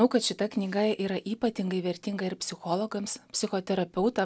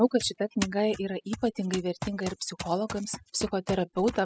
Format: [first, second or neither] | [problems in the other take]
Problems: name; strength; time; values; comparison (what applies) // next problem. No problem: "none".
first | noise reduction (classical method spectral subtraction)